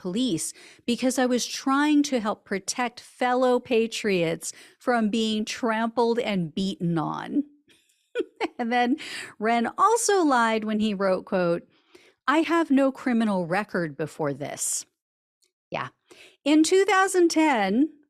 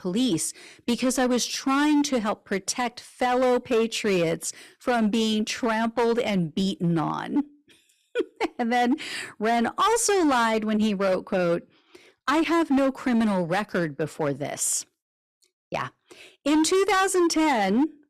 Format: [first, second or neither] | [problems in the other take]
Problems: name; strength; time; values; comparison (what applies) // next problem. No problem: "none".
first | distortion; slight; 10% of the sound clipped